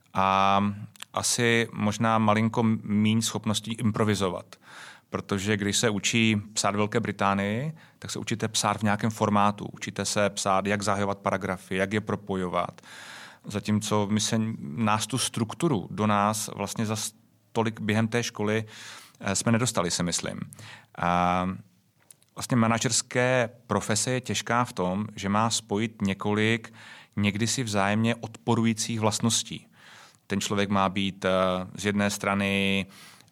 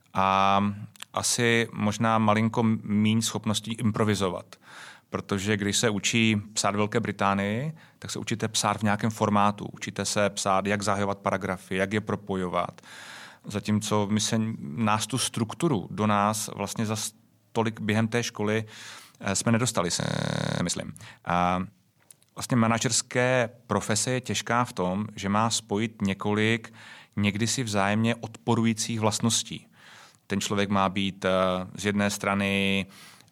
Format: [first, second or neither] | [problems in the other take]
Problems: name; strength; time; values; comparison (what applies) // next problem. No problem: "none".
first | audio freezing; at 20 s for 0.5 s